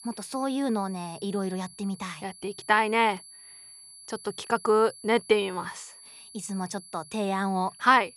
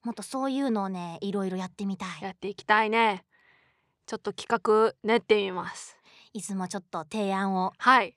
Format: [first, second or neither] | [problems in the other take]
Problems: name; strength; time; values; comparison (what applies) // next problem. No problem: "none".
second | high-pitched whine; noticeable; throughout; 11 kHz, 20 dB below the speech